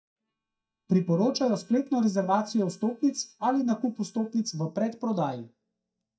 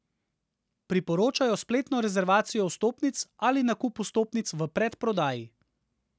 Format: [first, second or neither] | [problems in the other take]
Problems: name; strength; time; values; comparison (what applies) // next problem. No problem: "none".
second | noise reduction (neural mask model DeepFilterNet 3)